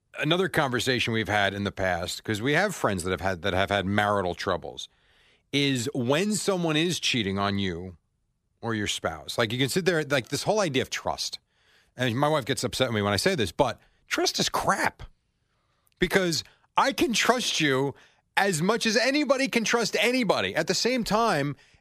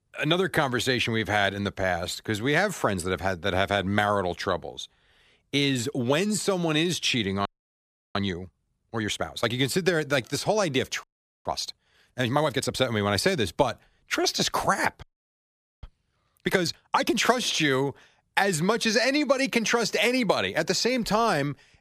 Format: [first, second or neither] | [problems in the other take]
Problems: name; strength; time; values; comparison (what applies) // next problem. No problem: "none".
first | audio freezing; at 7.5 s for 0.5 s, at 11 s and at 15 s for 1 s